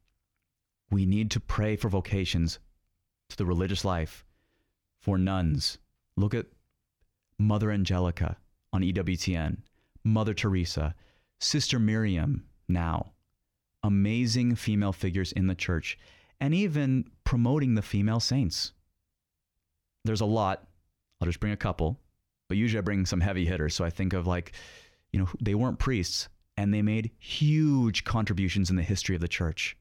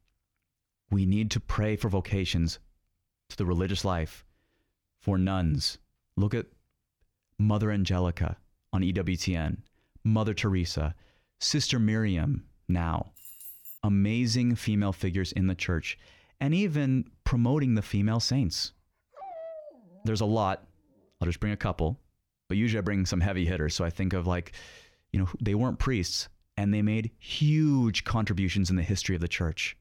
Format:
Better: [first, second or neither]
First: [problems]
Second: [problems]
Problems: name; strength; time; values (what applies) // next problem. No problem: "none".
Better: first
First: none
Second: jangling keys; faint; at 13 s; peak 15 dB below the speech // dog barking; faint; from 19 to 21 s; peak 10 dB below the speech